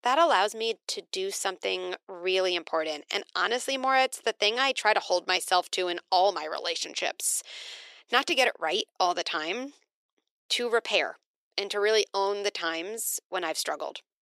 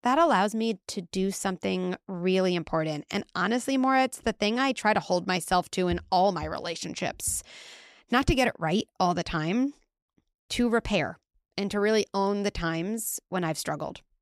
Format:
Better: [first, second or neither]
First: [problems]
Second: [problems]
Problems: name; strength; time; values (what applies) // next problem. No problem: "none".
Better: second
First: thin; very; fading below 400 Hz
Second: none